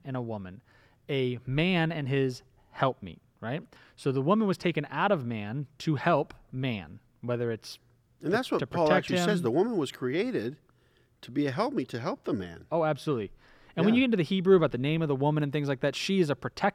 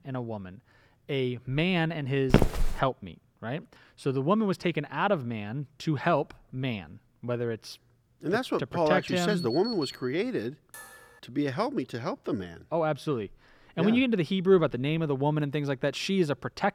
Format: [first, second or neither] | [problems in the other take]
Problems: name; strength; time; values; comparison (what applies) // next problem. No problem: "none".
first | footsteps; loud; at 2.5 s; peak 4 dB above the speech // alarm; noticeable; from 9 to 10 s; peak 8 dB below the speech // clattering dishes; faint; at 11 s; peak 15 dB below the speech